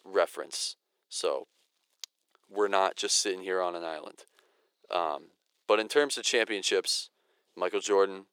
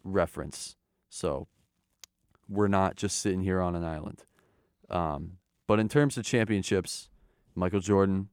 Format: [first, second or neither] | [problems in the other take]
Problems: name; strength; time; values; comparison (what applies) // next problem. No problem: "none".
second | thin; very; fading below 400 Hz